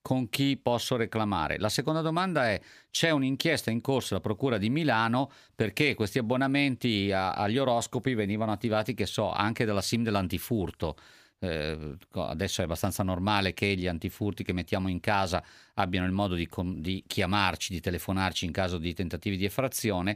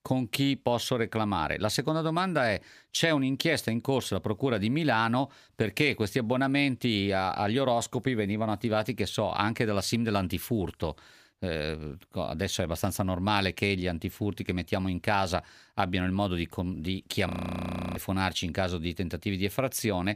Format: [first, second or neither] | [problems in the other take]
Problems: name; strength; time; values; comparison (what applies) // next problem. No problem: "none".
first | audio freezing; at 17 s for 0.5 s